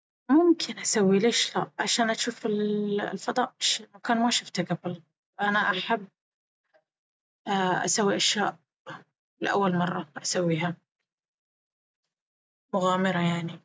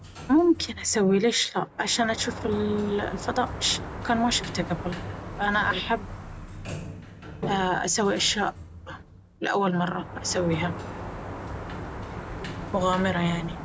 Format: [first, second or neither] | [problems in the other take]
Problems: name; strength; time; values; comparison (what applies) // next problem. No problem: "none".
first | background sound (Sliding door); 10 dB below the speech